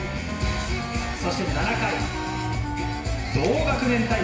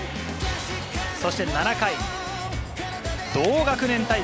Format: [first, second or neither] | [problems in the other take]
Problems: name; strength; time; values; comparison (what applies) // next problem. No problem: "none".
second | background sound (Wind instrument, woodwind instrument); 10 dB below the speech // room echo; dies away in 1 s